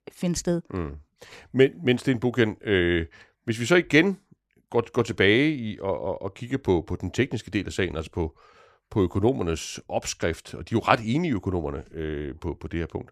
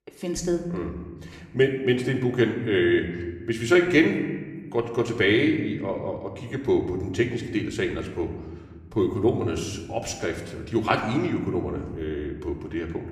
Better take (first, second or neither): first